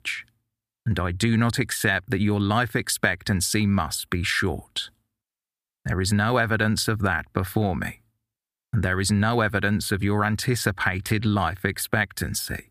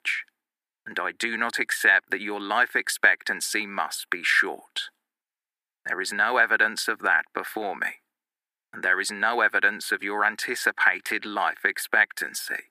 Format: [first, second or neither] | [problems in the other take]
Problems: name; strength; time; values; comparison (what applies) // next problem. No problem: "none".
first | thin; very; fading below 300 Hz